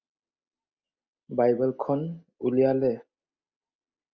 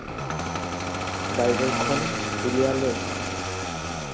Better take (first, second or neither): first